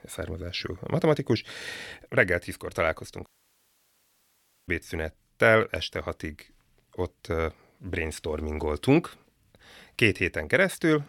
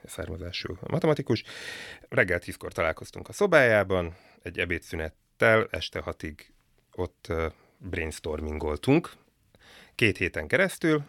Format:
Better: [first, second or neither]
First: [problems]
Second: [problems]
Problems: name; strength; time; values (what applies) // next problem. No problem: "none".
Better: second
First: audio cutting out; at 3.5 s for 1.5 s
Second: none